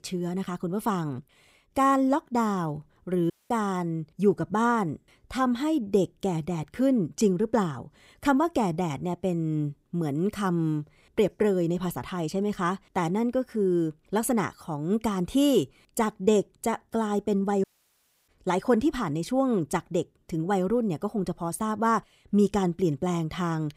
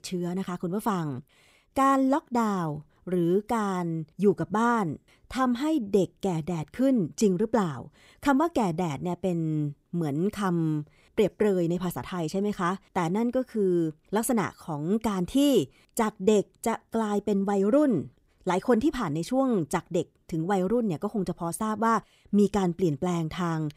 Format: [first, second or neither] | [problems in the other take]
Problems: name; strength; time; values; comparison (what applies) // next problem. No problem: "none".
second | audio cutting out; at 3.5 s and at 18 s for 0.5 s